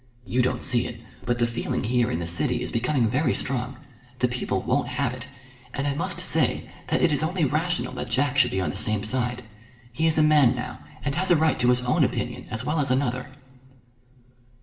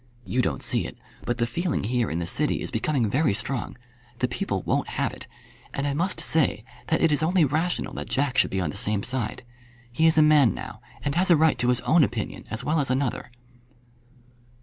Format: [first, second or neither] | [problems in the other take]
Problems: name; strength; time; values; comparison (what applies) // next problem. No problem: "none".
second | room echo; dies away in 1.1 s